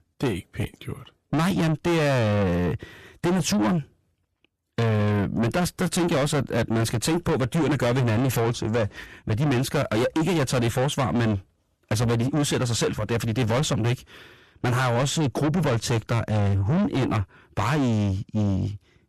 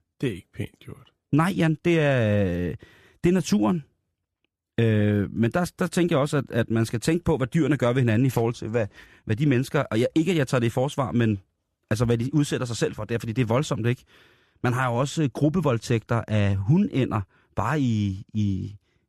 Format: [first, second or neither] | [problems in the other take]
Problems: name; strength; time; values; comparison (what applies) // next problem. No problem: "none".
second | distortion; heavy; 6 dB below the speech